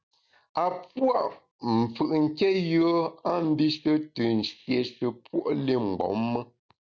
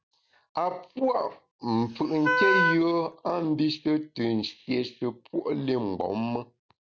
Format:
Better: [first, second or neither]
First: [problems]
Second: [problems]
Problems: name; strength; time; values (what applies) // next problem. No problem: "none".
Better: first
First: none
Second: background sound (Wind instrument, woodwind instrument); 1 dB above the speech